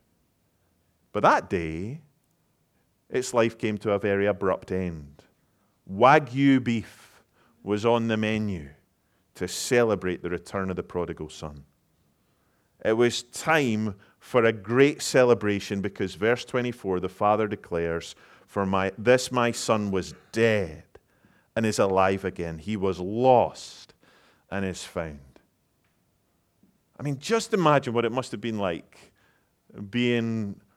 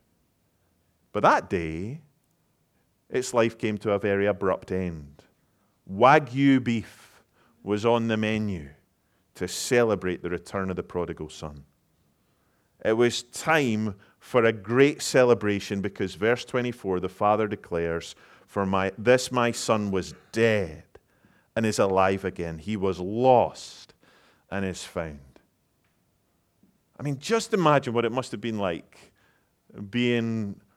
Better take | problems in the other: neither | none

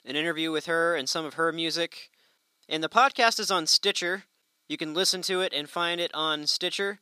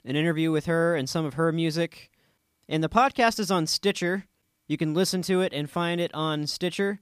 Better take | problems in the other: second | thin; somewhat; fading below 350 Hz

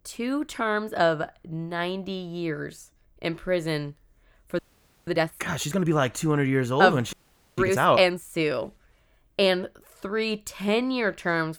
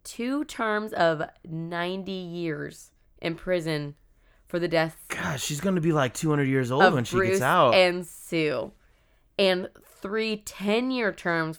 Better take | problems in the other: second | audio freezing; at 4.5 s and at 7 s

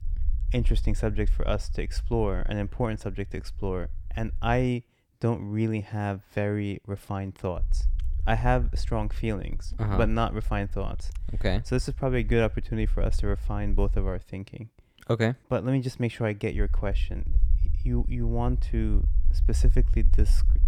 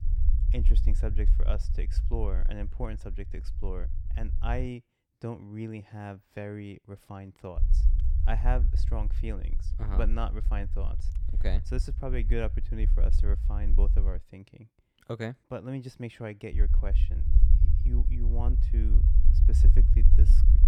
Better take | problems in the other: first | low rumble; loud; until 4.5 s, from 7.5 to 14 s and from 17 s on; 8 dB below the speech; faint in the first

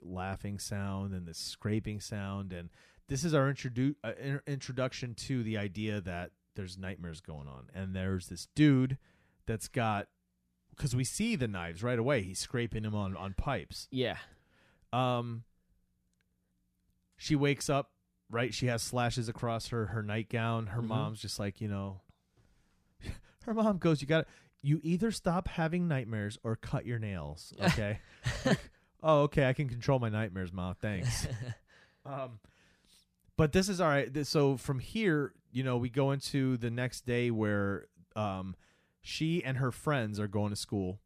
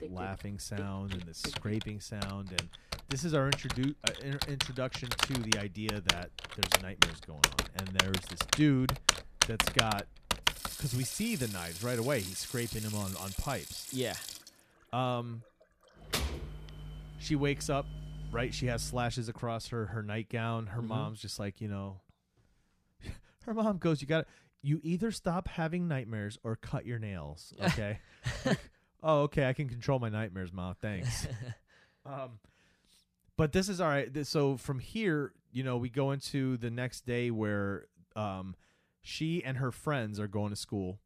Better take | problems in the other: first | household noises; very loud; until 19 s; 1 dB above the speech

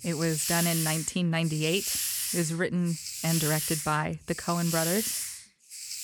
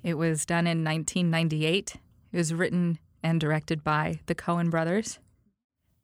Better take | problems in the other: second | hiss; loud; throughout; 1 dB below the speech

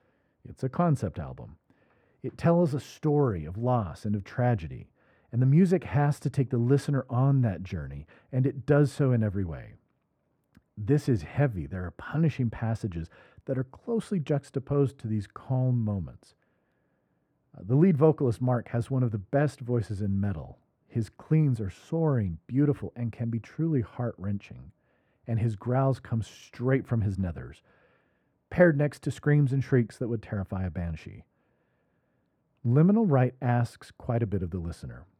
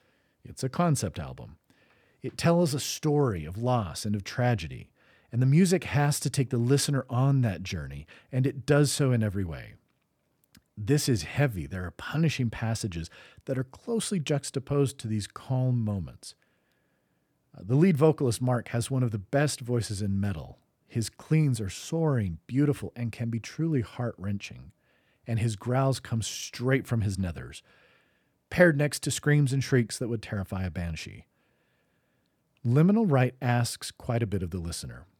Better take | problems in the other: second | muffled; very; fading above 2.5 kHz

